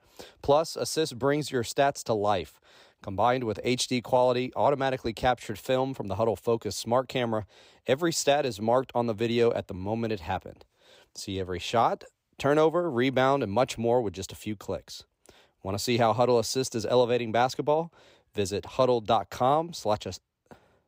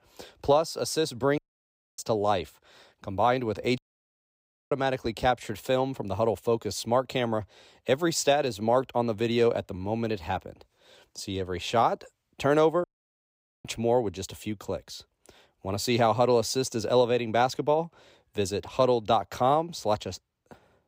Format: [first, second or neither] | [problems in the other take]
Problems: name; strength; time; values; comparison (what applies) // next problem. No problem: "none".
first | audio cutting out; at 1.5 s for 0.5 s, at 4 s for 1 s and at 13 s for 1 s